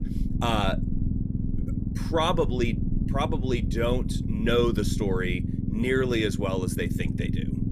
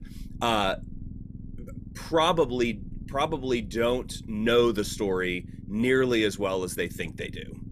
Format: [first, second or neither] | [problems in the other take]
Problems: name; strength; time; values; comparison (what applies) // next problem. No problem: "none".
second | low rumble; loud; throughout; 10 dB below the speech; faint in the second